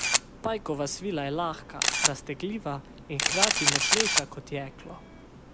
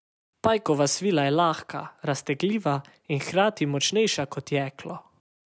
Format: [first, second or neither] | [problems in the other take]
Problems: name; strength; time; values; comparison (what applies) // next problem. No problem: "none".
second | background sound (Camera); 4 dB above the speech